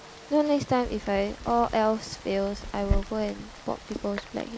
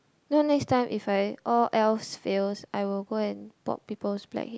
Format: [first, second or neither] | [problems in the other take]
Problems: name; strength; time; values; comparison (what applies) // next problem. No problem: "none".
second | background sound (Rain); 8 dB below the speech